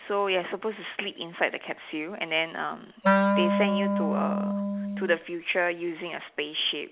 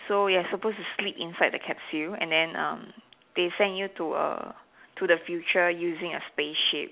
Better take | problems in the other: second | background sound (Wind instrument, woodwind instrument); 4 dB above the speech

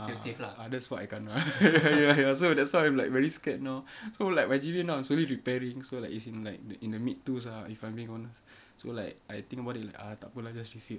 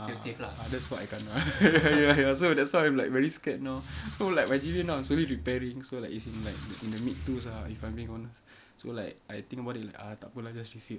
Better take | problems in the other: first | background sound (Squeak); 13 dB below the speech

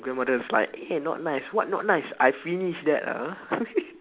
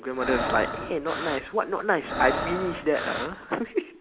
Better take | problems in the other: first | background sound (Breathing); 5 dB below the speech

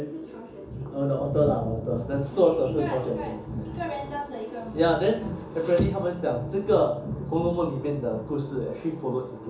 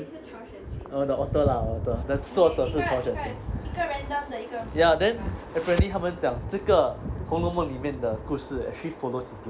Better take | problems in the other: second | room echo; dies away in 0.7 s

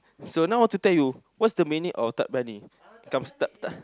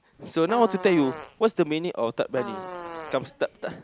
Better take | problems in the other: first | background sound (Fart); 13 dB below the speech

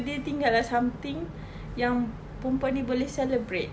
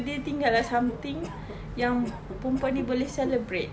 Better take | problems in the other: first | background sound (Cough); 15 dB below the speech

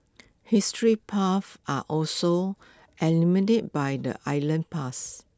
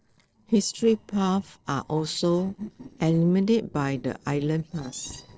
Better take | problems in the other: first | noise reduction (neural separator model SepFormer DNS4)

